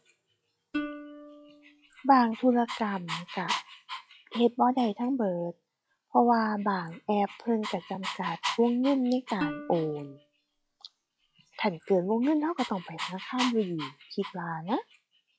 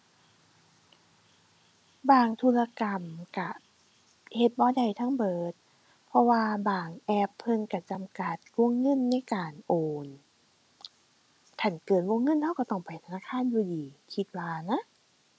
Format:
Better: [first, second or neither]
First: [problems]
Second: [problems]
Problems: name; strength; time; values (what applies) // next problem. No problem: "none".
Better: second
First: noise reduction (classical method log-MMSE)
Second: none